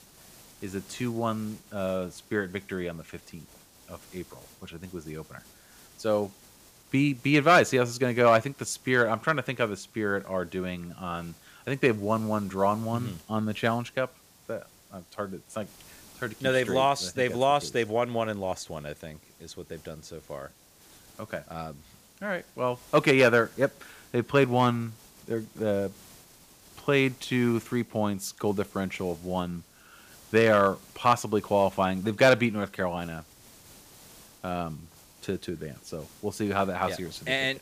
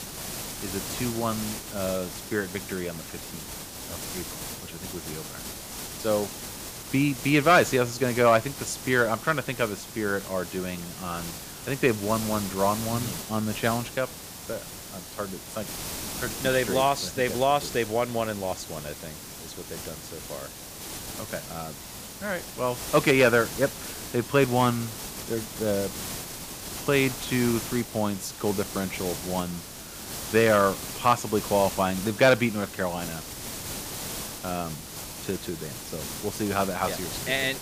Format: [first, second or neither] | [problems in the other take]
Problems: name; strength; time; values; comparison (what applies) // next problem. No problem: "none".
first | hiss; loud; throughout; 9 dB below the speech; faint in the first